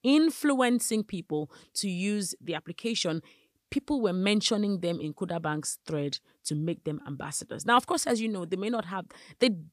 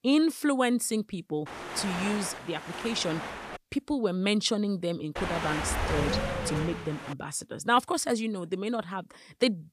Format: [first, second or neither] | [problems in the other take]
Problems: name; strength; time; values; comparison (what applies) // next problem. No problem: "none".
first | wind noise on the microphone; heavy; from 1.5 to 3.5 s and from 5 to 7 s; 3 dB below the speech